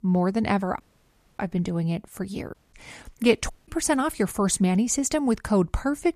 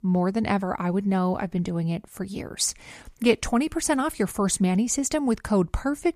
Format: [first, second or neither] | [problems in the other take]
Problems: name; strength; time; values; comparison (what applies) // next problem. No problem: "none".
second | audio cutting out; at 1 s for 0.5 s, at 2.5 s and at 3.5 s